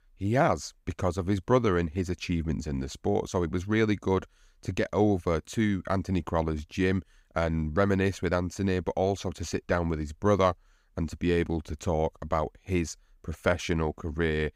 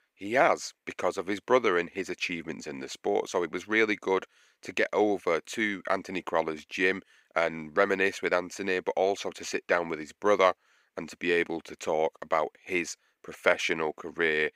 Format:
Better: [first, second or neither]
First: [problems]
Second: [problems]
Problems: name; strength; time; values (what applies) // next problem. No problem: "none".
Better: first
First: none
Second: thin; somewhat; fading below 400 Hz